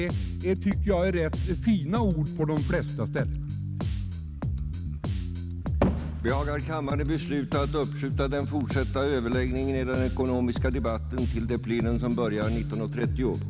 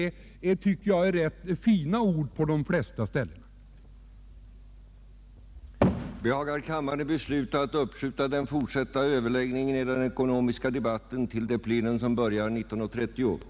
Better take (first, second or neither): second